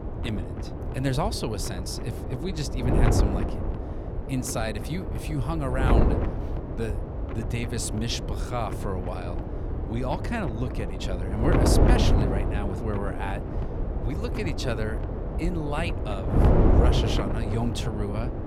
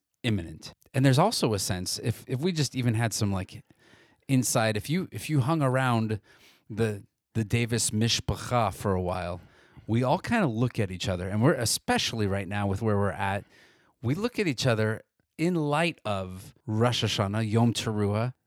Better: second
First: wind noise on the microphone; heavy; as loud as the speech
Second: none

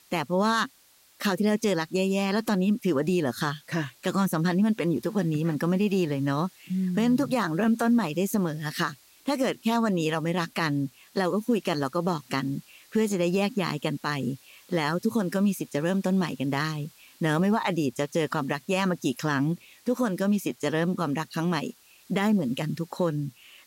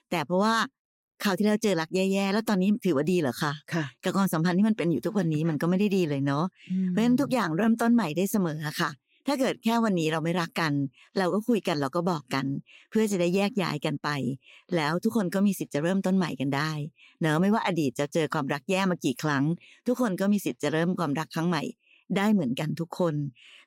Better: second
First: hiss; faint; throughout; 25 dB below the speech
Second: none

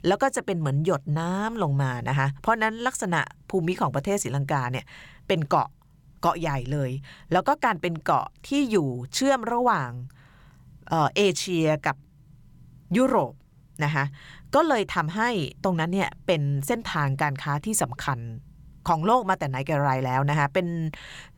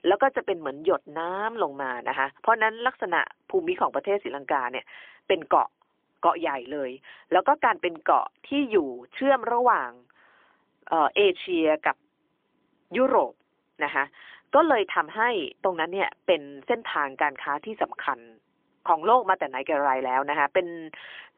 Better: first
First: none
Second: phone-call audio; poor line; nothing above 3.5 kHz

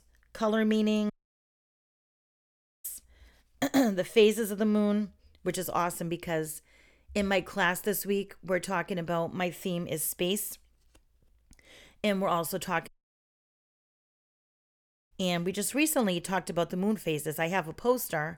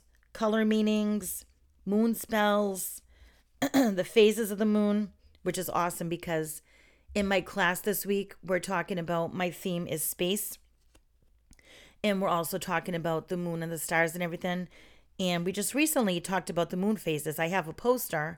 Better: second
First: audio cutting out; at 1 s for 1.5 s and at 13 s for 2 s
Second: none

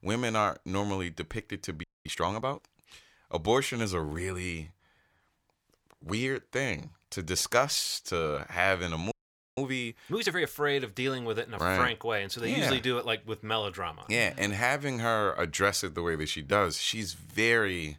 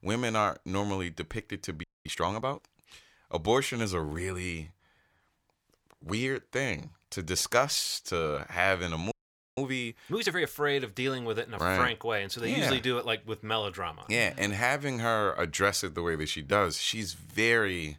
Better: neither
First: audio freezing; at 2 s and at 9 s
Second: audio freezing; at 2 s and at 9 s

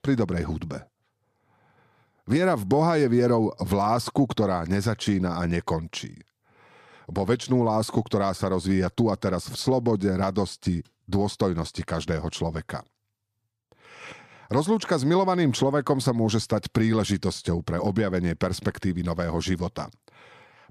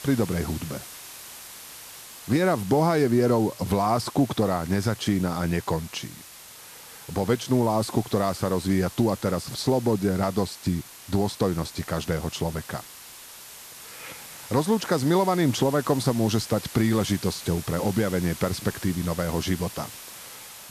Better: first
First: none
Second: hiss; noticeable; throughout; 15 dB below the speech

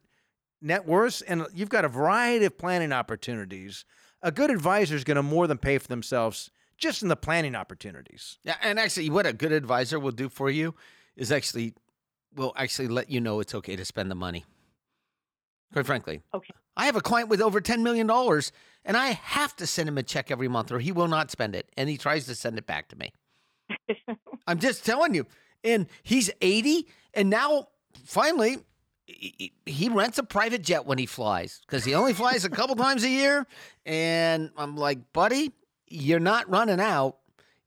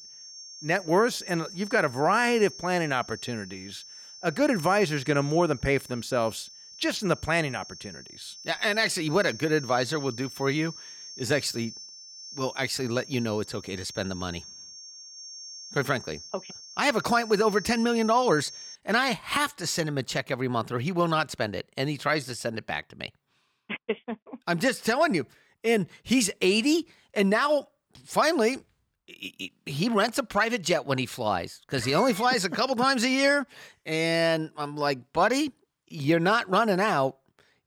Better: first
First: none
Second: high-pitched whine; noticeable; until 19 s; 5.5 kHz, 15 dB below the speech

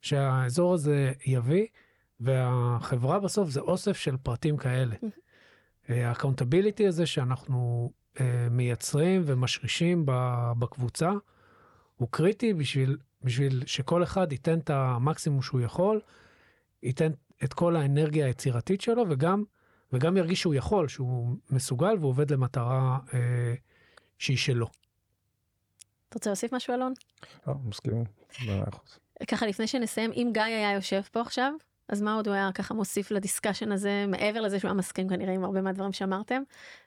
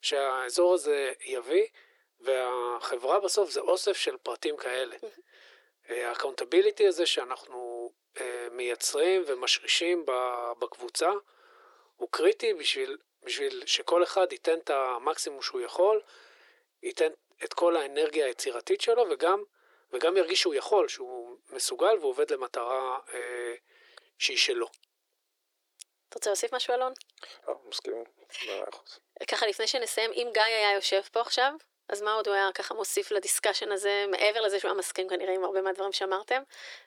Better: first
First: none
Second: thin; very; fading below 350 Hz

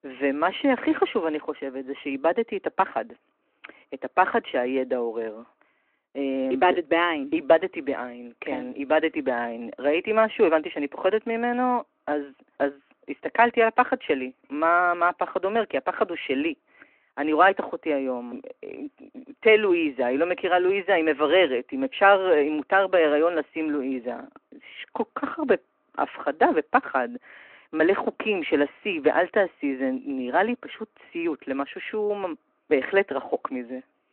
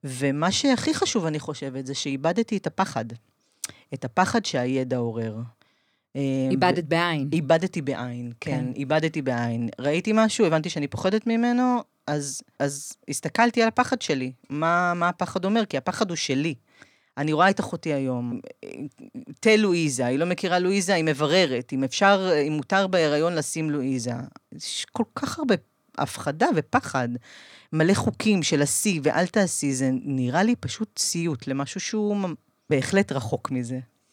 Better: second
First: phone-call audio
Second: none

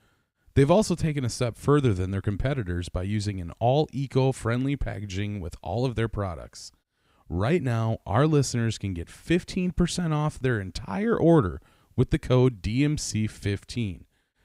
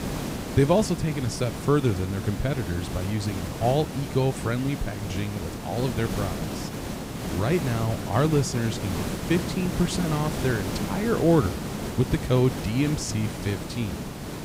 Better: first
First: none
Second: hiss; loud; throughout; 6 dB below the speech

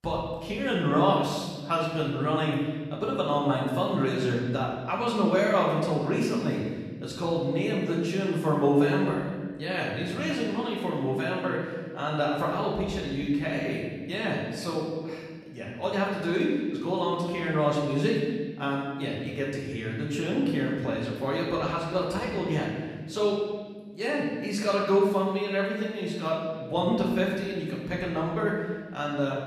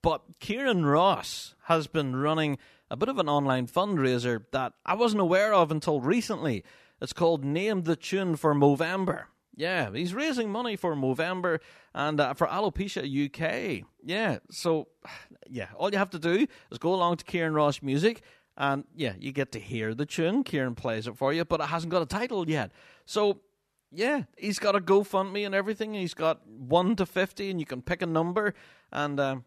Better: second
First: off-mic speech; far // room echo; noticeable; dies away in 1.5 s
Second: none

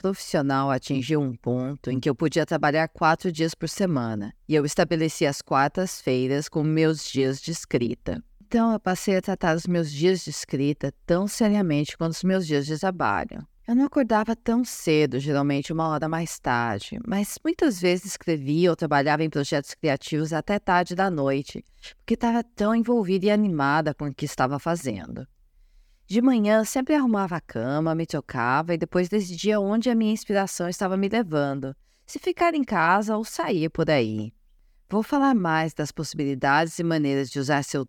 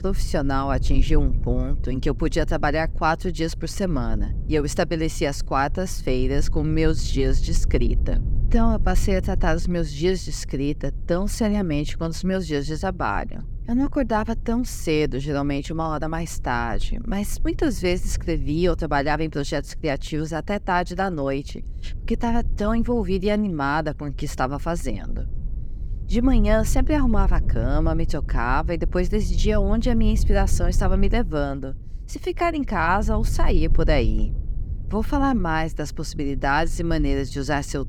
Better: first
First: none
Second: low rumble; faint; throughout; 20 dB below the speech

